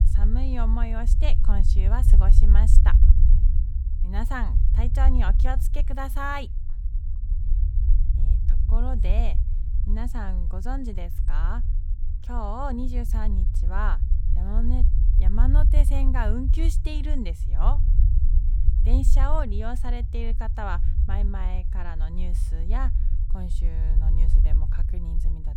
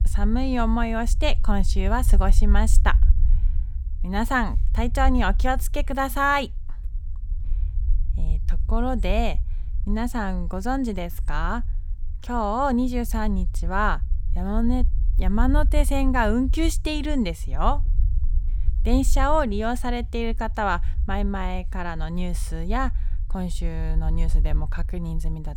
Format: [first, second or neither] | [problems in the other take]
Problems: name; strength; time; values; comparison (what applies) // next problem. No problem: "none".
second | low rumble; loud; throughout; 9 dB below the speech; faint in the second